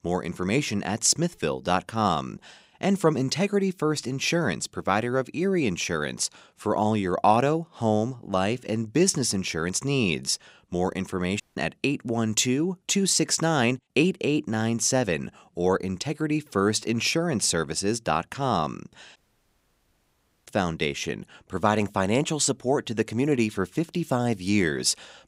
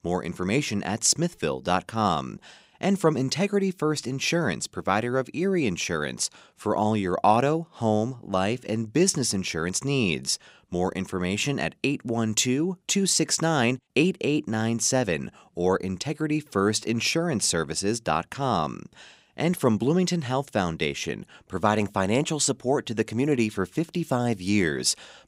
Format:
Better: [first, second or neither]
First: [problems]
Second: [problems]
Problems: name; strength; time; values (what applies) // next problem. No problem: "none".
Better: second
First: audio cutting out; at 11 s and at 19 s for 1.5 s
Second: none